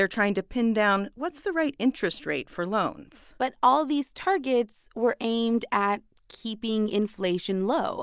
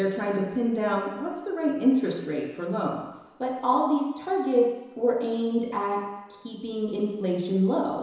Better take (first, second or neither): first